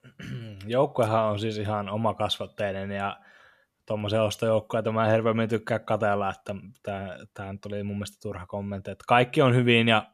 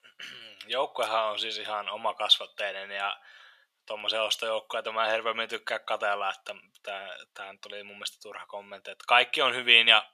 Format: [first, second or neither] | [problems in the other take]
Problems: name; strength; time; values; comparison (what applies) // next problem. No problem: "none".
first | thin; very; fading below 800 Hz